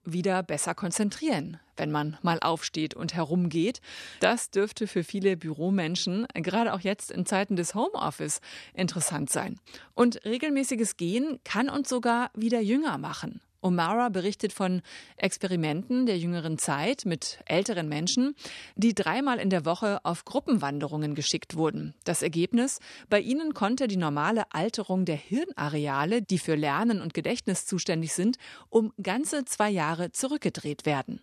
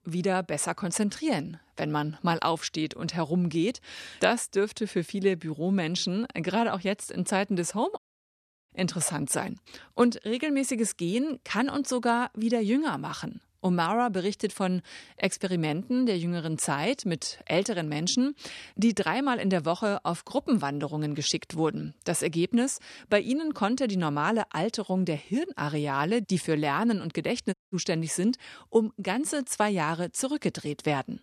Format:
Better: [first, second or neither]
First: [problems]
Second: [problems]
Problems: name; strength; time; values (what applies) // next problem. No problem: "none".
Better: first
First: none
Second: audio cutting out; at 8 s for 0.5 s and at 28 s